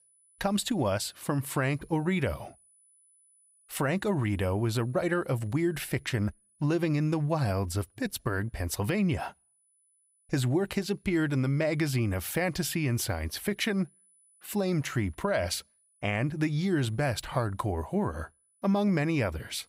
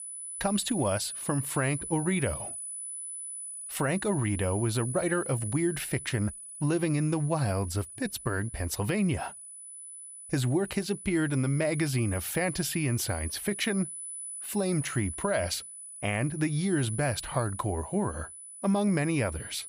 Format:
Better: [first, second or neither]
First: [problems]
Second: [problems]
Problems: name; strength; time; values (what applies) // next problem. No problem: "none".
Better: first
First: high-pitched whine; faint; throughout; 10 kHz, 35 dB below the speech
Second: high-pitched whine; loud; throughout; 10 kHz, 8 dB below the speech